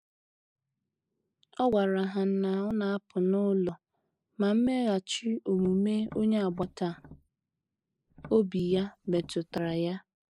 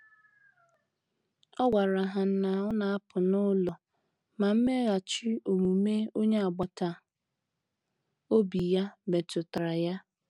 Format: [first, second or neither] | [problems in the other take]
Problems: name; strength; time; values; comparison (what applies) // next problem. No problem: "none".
second | noise reduction (neural mask model Resemble Enhance denoiser)